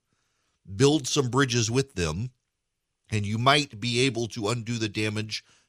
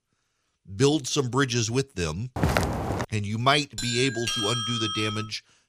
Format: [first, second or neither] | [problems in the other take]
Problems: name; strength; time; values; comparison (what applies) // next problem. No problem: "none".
first | footsteps; loud; at 2.5 s; peak 1 dB above the speech // doorbell; loud; from 4 s on; peak level with the speech